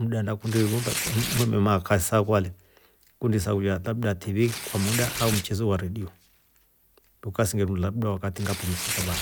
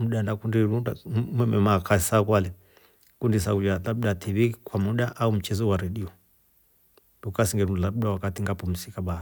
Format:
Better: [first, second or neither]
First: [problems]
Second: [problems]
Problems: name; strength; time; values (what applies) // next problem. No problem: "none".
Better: second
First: background sound (Tearing); 10 dB below the speech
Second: none